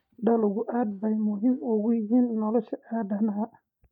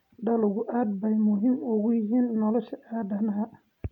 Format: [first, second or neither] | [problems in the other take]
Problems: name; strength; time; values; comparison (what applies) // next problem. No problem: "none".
second | noise reduction (neural mask model DeepFilterNet 3)